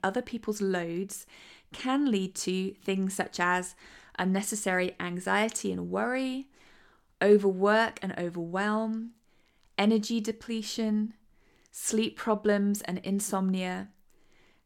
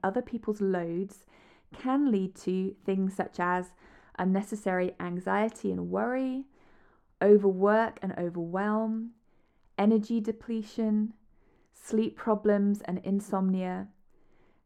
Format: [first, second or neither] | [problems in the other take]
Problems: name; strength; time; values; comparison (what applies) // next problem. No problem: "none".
first | muffled; very; fading above 2 kHz